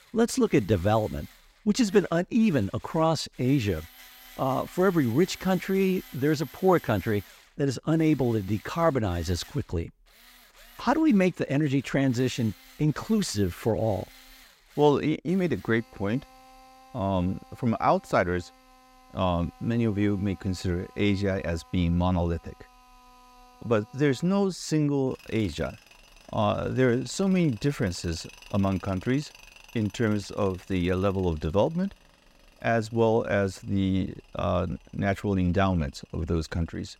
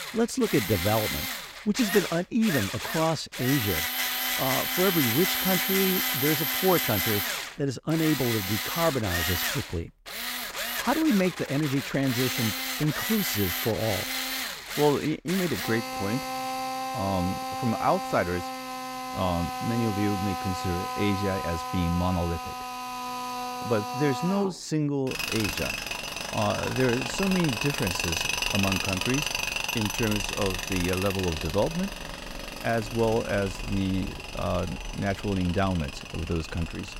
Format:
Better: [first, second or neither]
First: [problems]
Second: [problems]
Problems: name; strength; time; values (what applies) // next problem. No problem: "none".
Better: first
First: machinery noise; faint; throughout; 25 dB below the speech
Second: machinery noise; loud; throughout; 2 dB below the speech